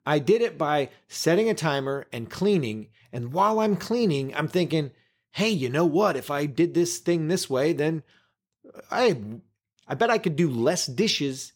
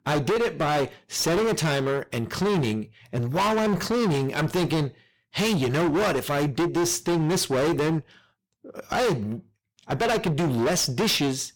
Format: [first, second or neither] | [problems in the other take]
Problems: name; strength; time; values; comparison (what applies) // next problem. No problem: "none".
first | distortion; heavy; 27% of the sound clipped